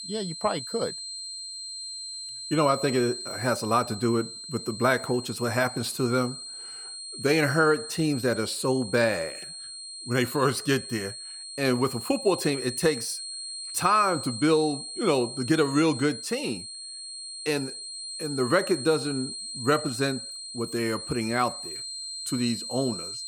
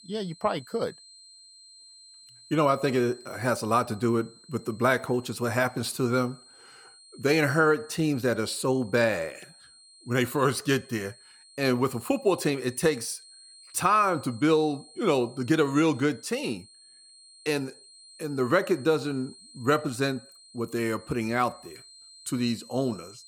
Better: second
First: high-pitched whine; loud; throughout; 4 kHz, 9 dB below the speech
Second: high-pitched whine; faint; throughout; 4 kHz, 25 dB below the speech

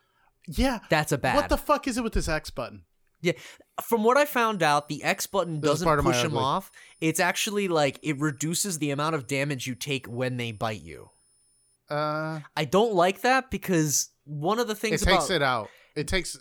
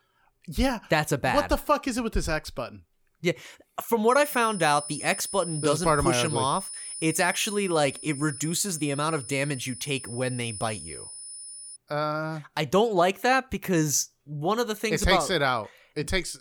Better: first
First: high-pitched whine; faint; from 4 to 12 s; 9.5 kHz, 35 dB below the speech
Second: high-pitched whine; loud; from 4 to 12 s; 9.5 kHz, 10 dB below the speech

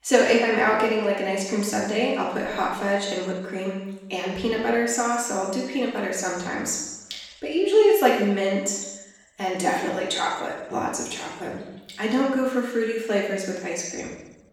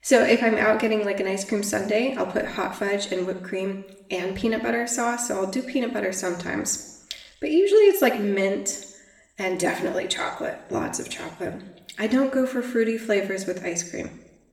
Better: second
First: room echo; strong; dies away in 0.9 s // off-mic speech; far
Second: room echo; slight; dies away in 0.7 s // off-mic speech; somewhat distant

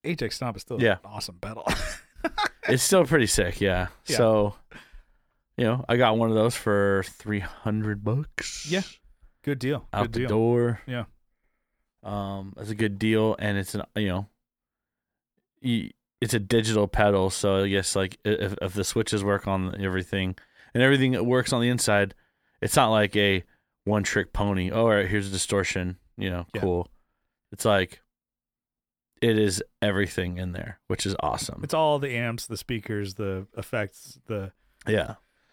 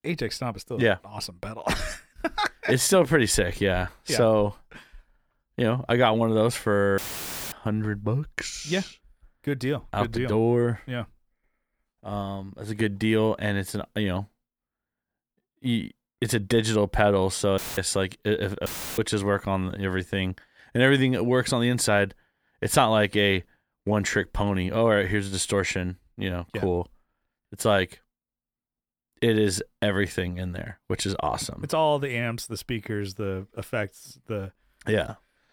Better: first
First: none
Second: audio cutting out; filled with static; at 7 s for 0.5 s, at 18 s and at 19 s

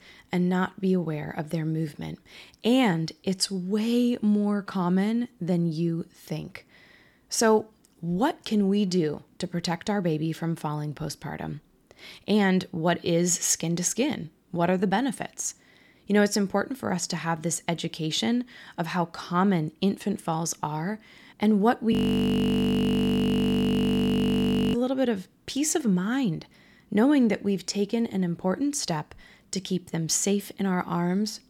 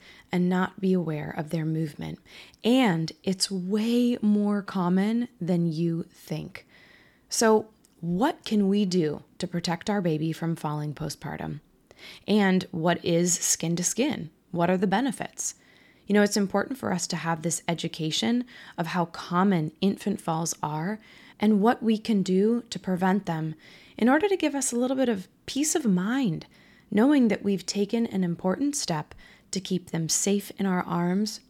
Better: second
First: audio freezing; at 22 s for 3 s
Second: none

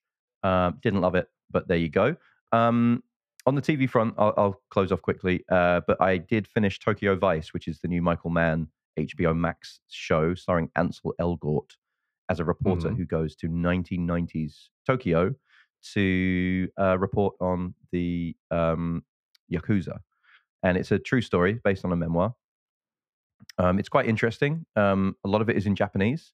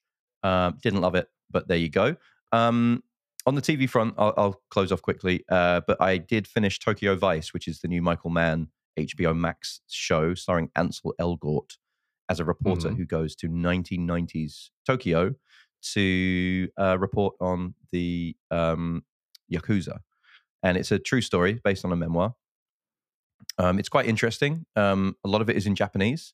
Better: second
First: muffled; slightly; fading above 3.5 kHz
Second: none

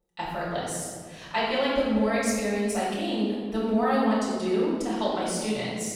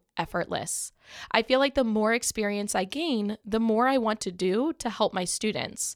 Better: second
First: off-mic speech; far // room echo; strong; dies away in 1.6 s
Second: none

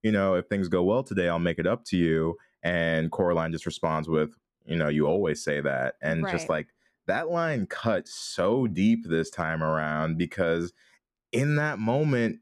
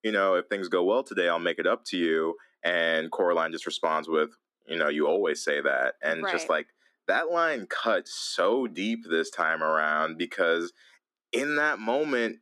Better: first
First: none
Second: thin; somewhat; fading below 250 Hz

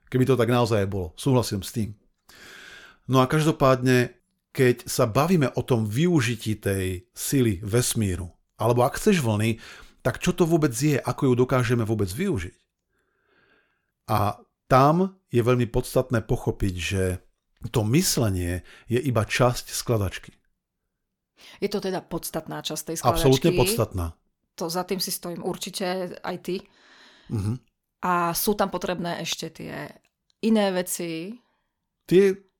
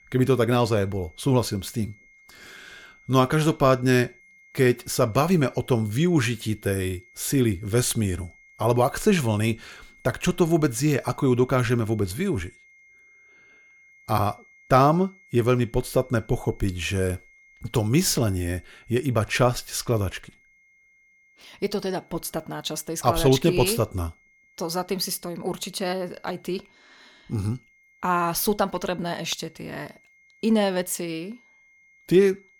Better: first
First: none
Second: high-pitched whine; faint; throughout; 2 kHz, 30 dB below the speech

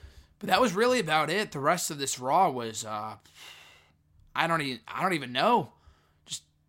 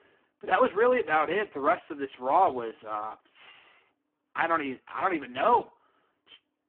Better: first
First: none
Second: phone-call audio; poor line

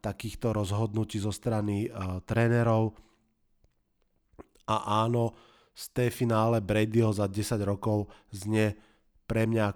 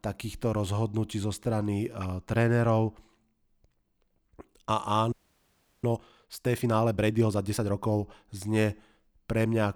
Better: first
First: none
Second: audio freezing; at 5 s for 0.5 s

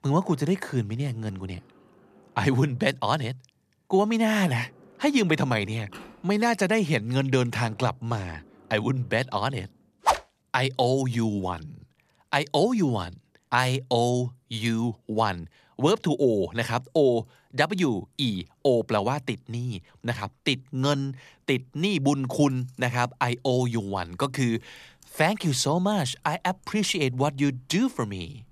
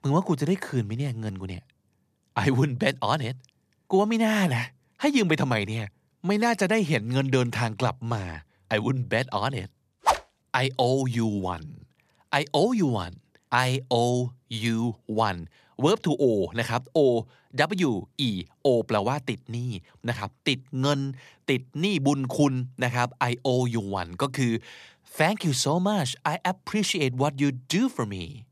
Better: second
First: household noises; faint; throughout; 30 dB below the speech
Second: none

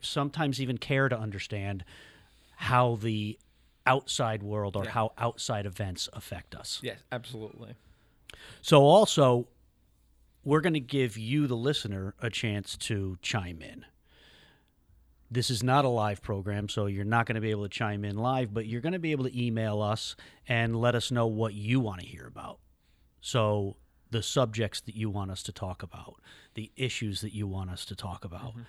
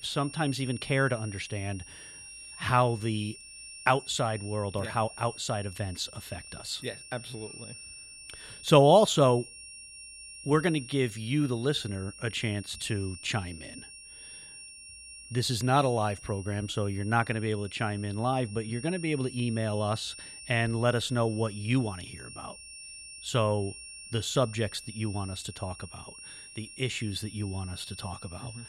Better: first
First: none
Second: high-pitched whine; noticeable; throughout; 9 kHz, 15 dB below the speech

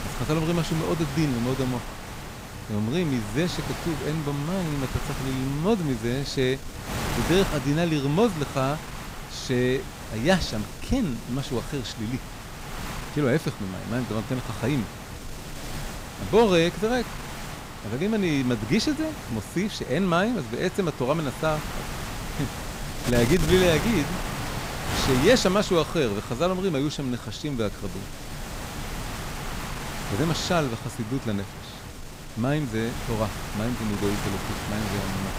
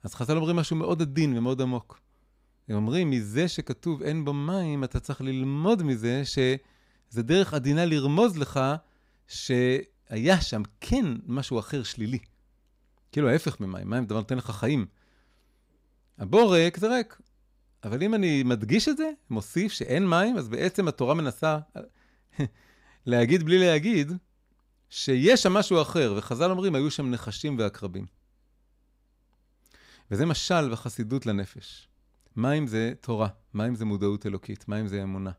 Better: second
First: wind noise on the microphone; heavy; 7 dB below the speech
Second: none

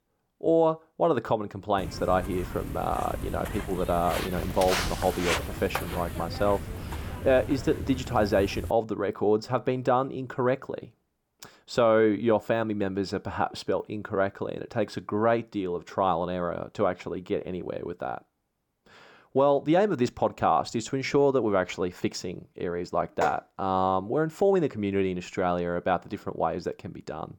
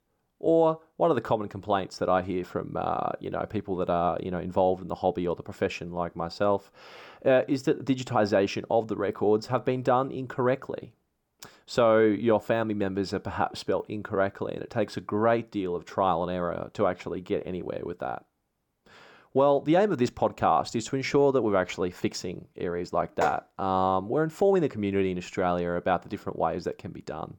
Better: second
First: footsteps; noticeable; from 2 to 8.5 s; peak 1 dB below the speech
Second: none

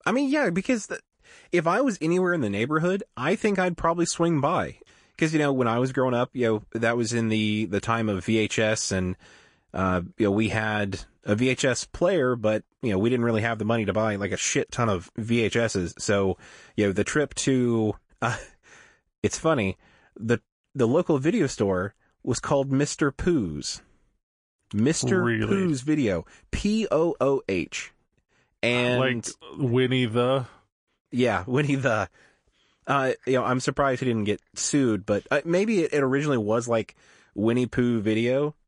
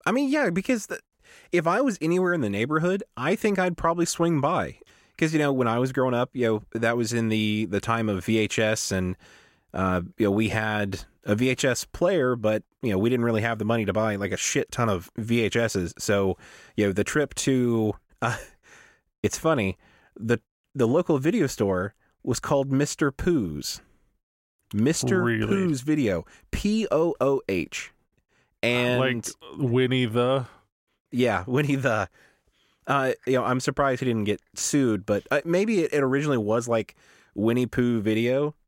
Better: second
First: garbled, watery; slightly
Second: none

